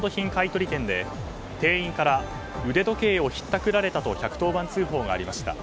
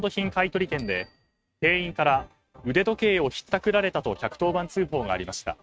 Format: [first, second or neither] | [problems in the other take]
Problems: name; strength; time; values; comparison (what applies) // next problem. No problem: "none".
first | noise reduction (neural mask model RNNoise)